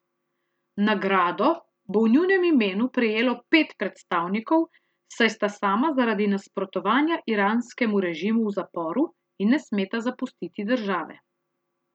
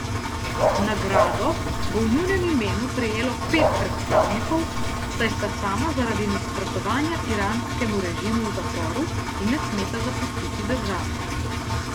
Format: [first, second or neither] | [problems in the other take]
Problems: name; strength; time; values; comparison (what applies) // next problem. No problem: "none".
first | background sound (Engine + Dog); 2 dB above the speech